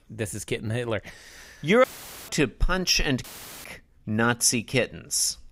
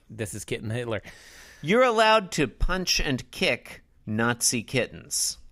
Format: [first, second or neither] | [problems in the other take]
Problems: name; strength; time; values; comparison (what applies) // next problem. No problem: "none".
second | audio cutting out; filled with static; at 2 s and at 3 s